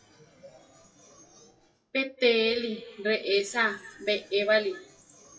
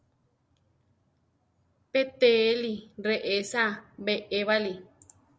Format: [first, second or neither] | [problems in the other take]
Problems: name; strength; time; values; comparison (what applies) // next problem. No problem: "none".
second | noise reduction (classical method WPE with log-MMSE)